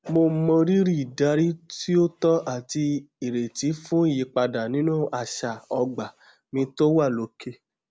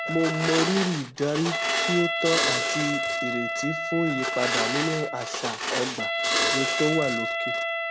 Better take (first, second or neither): first